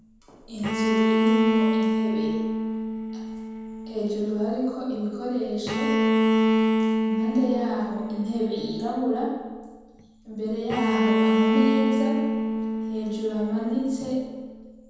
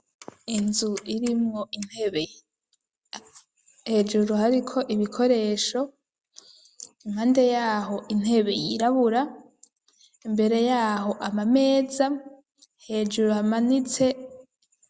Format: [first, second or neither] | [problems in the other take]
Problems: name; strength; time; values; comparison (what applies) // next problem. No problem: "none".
second | background sound (Bowed string instrument); 4 dB above the speech // room echo; dies away in 1.2 s